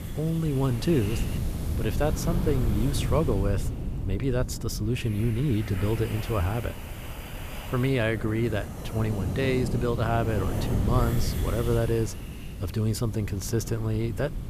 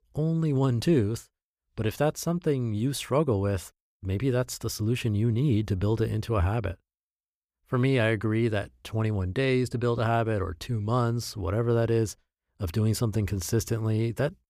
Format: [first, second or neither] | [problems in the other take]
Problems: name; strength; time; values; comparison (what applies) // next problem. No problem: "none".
second | wind noise on the microphone; heavy; 8 dB below the speech